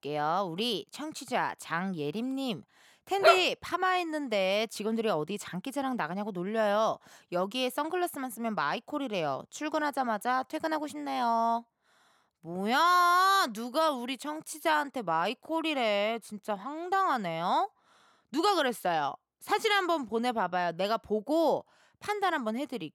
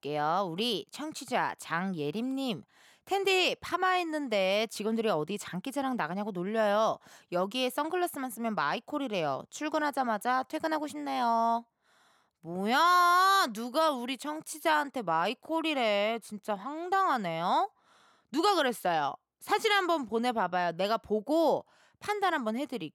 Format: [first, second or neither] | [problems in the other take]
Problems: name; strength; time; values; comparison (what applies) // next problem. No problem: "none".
second | dog barking; loud; at 3 s; peak 6 dB above the speech